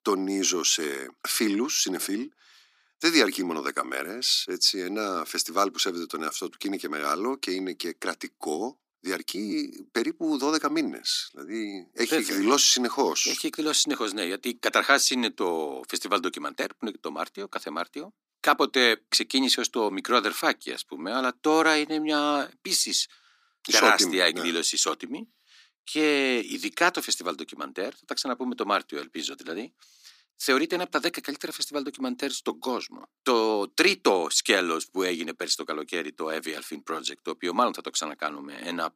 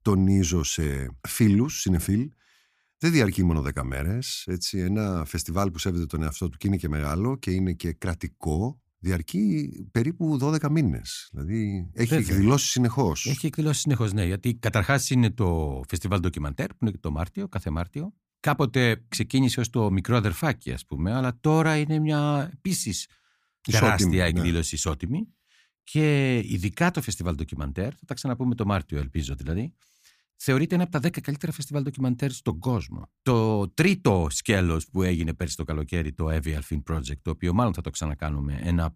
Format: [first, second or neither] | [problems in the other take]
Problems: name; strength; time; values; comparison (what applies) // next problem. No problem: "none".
second | thin; somewhat; fading below 300 Hz